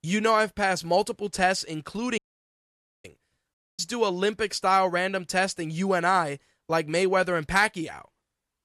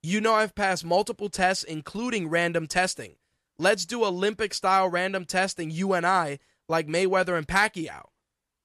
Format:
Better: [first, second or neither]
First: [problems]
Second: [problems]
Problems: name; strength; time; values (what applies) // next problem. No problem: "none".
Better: second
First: audio cutting out; at 2 s for 1 s and at 3.5 s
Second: none